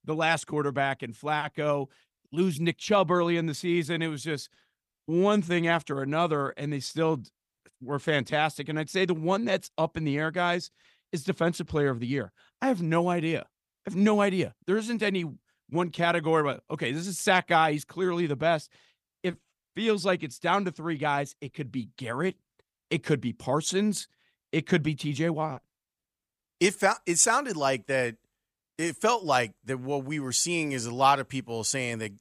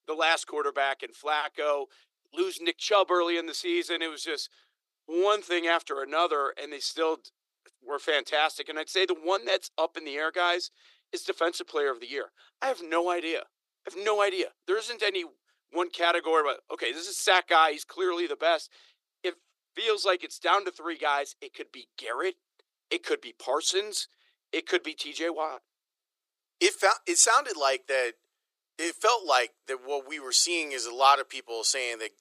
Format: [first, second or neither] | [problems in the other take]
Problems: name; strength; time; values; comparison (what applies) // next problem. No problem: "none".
first | thin; very; fading below 350 Hz